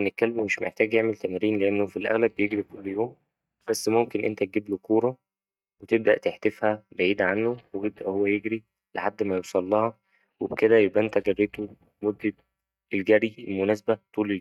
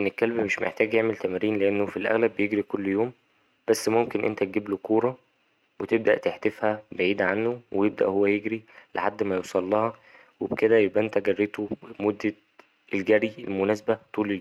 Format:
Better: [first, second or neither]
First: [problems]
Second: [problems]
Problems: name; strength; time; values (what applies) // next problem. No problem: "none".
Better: second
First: noise reduction (neural mask model DeepFilterNet 3)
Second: none